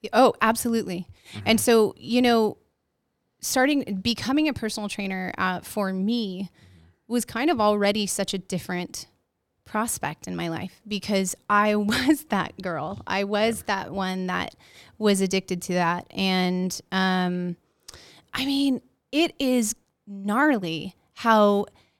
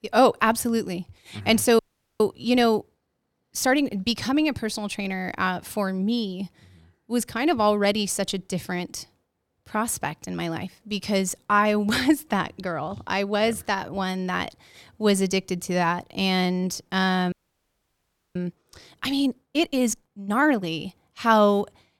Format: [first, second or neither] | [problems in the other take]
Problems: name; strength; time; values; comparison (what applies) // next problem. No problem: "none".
first | audio freezing; at 2 s and at 17 s for 1 s